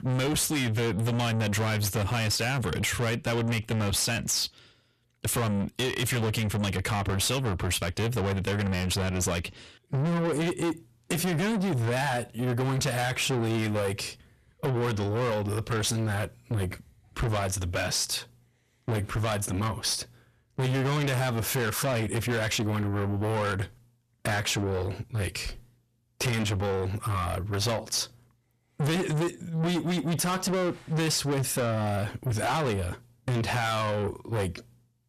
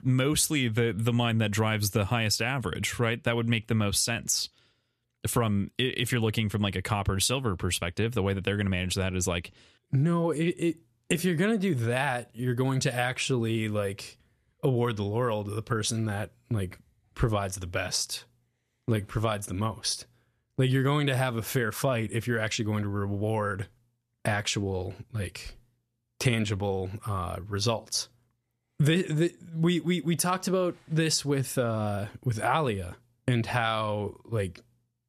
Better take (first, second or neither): second